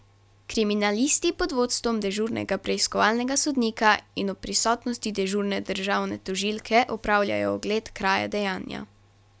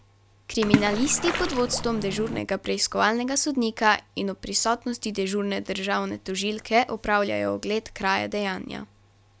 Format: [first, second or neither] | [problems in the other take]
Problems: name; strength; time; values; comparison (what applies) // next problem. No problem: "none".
first | background sound (Splash, splatter); 2 dB below the speech